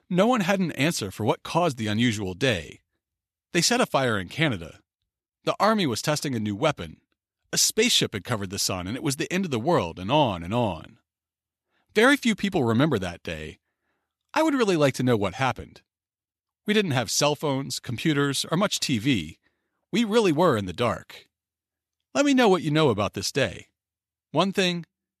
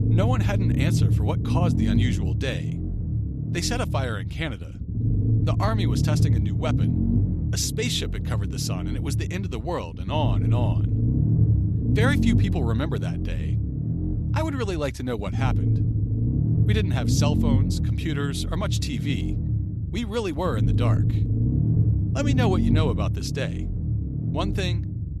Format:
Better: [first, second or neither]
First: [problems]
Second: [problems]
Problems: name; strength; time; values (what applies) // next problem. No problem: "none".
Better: first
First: none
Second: low rumble; loud; throughout; 4 dB below the speech